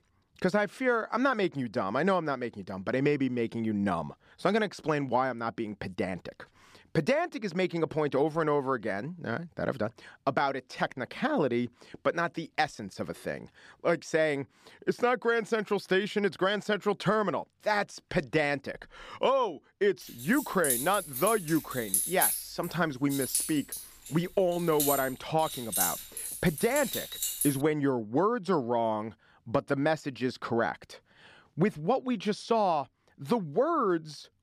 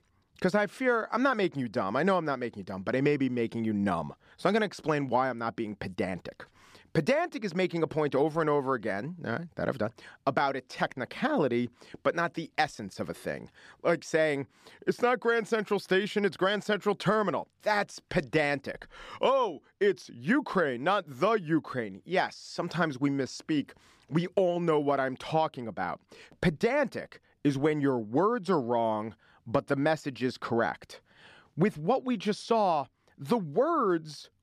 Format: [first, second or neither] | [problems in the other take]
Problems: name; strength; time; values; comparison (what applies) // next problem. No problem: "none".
second | jangling keys; loud; from 20 to 28 s; peak 4 dB above the speech